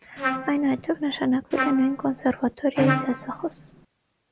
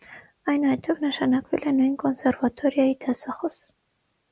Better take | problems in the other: second | background sound (Trumpet + Bowed string instrument); 5 dB below the speech

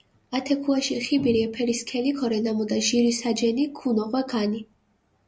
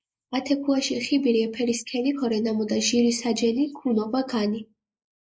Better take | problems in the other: first | noise reduction (neural mask model Resemble Enhance denoiser)

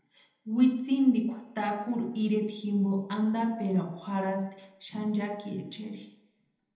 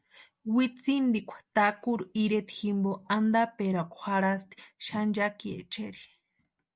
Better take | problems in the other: second | room echo; dies away in 0.9 s

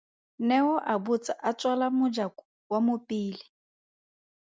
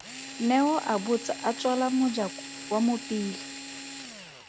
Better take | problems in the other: first | background sound (Drill); 12 dB below the speech

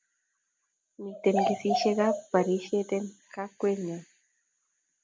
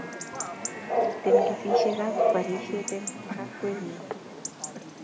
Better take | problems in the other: first | background sound (Bark / Chatter / Chirp, tweet / Livestock, farm animals, working animals); 5 dB above the speech

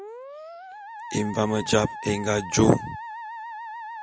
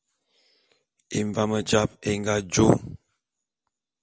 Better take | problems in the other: second | background sound (Musical instrument); 11 dB below the speech

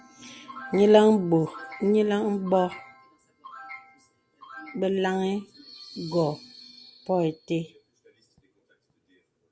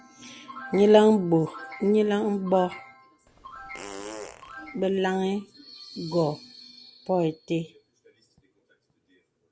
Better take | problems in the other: first | background sound (Fart); 16 dB below the speech

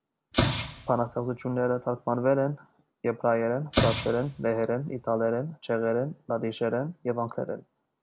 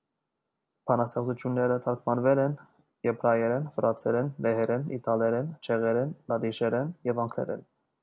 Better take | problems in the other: second | background sound (Explosion); 5 dB below the speech

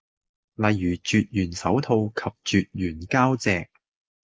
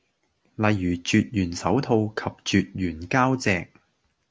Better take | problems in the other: second | noise reduction (neural mask model Resemble Enhance denoiser)

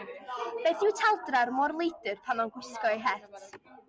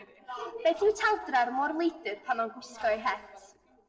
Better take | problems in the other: first | noise reduction (neural separator model SepFormer DNS4)

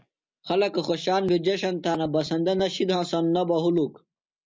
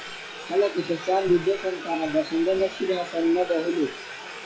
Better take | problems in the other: first | noise reduction (classical method log-MMSE)

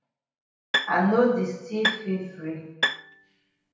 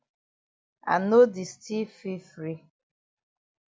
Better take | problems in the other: second | background sound (Bowed string instrument); 3 dB below the speech // room echo; dies away in 0.9 s

